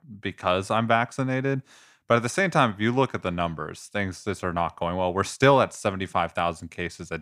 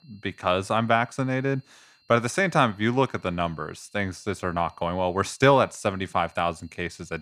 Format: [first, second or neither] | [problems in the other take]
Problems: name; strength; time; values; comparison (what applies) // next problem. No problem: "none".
first | high-pitched whine; faint; throughout; 4 kHz, 35 dB below the speech